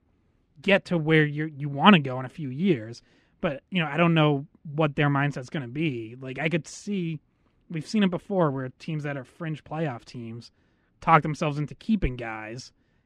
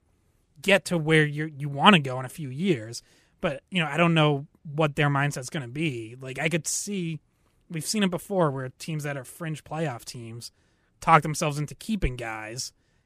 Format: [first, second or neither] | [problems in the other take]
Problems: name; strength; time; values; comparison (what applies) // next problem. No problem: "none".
second | muffled; slightly; fading above 3.5 kHz